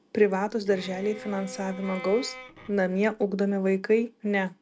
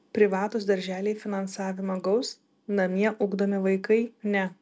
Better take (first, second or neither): second